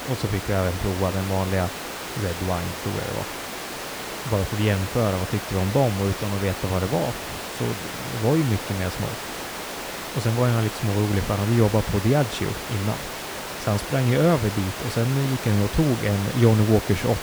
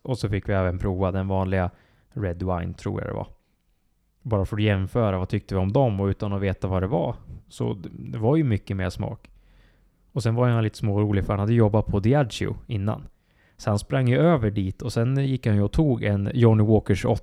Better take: second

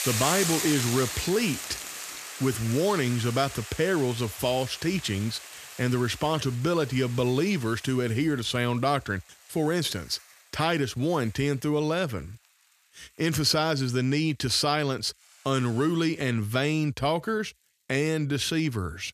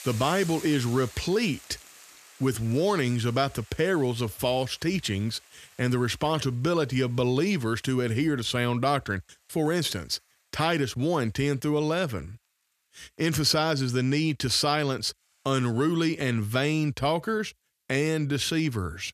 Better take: second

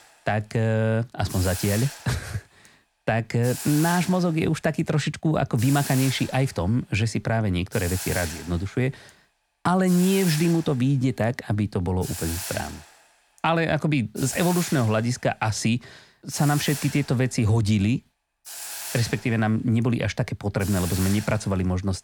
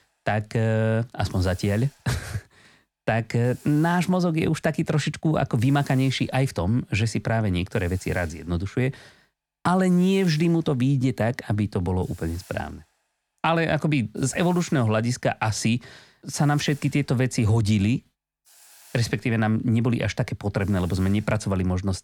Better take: second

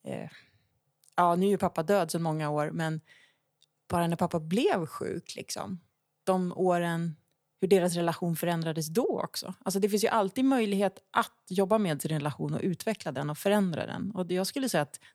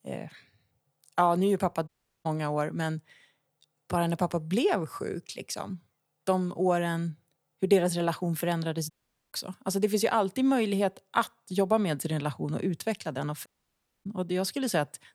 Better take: first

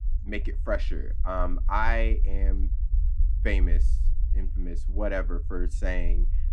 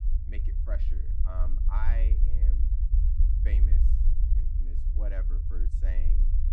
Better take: first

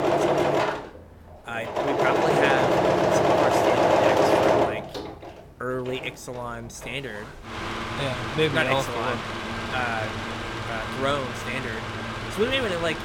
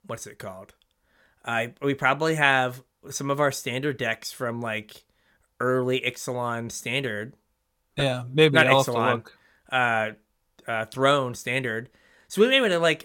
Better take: second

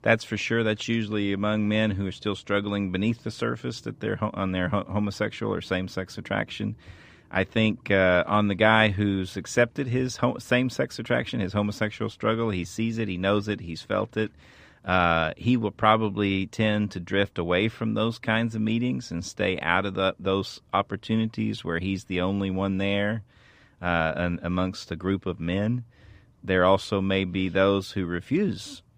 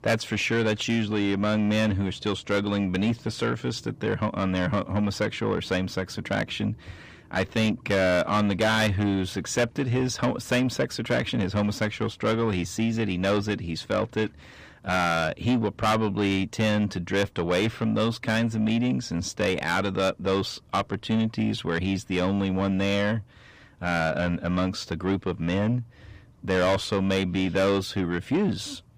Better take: first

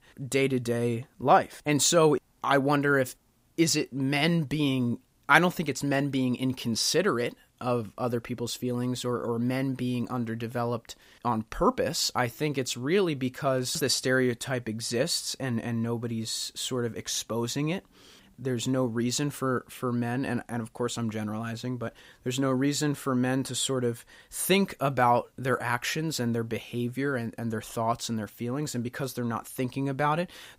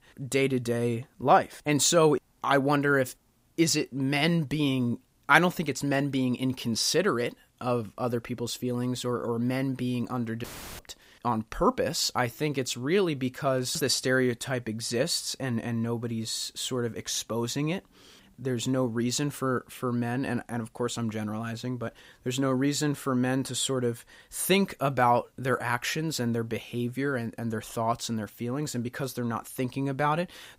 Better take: first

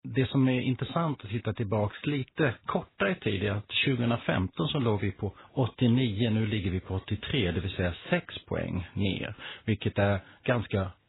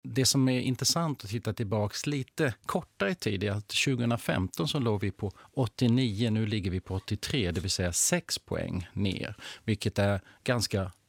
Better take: second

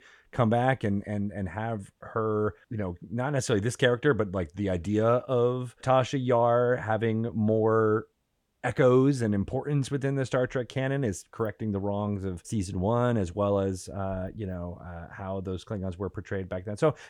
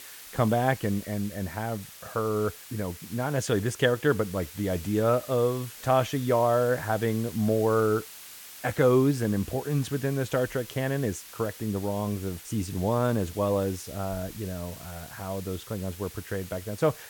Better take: first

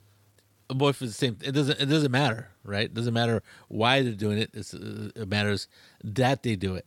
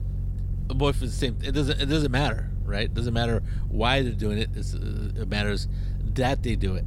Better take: first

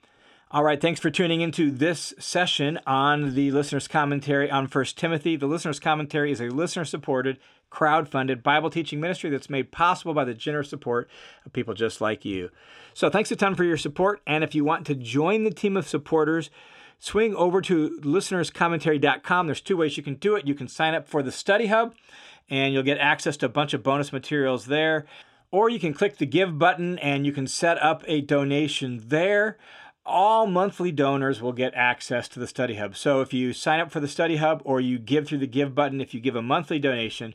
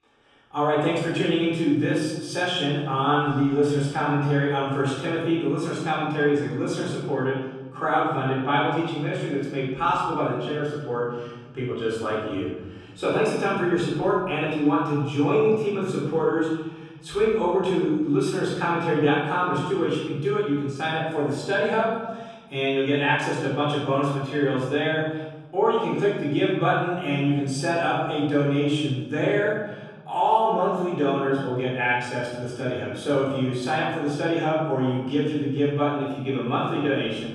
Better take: first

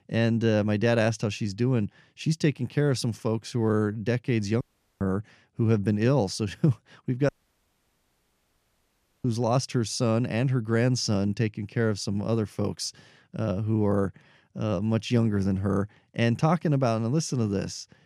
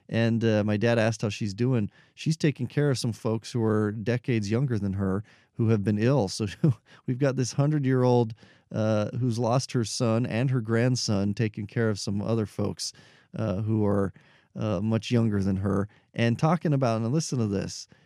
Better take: second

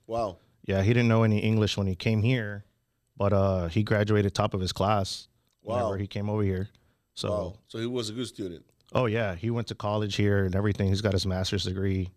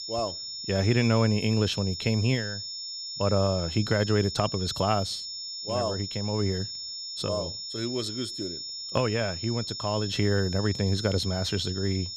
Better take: first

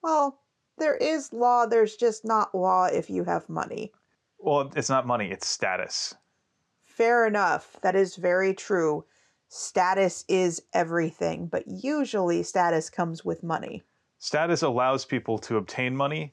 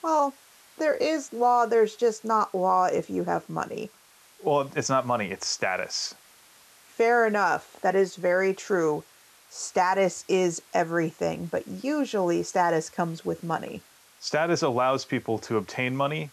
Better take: first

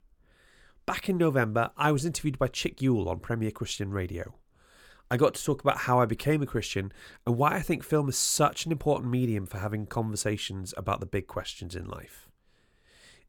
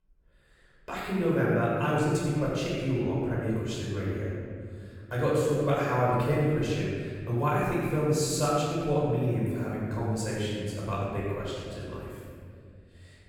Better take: first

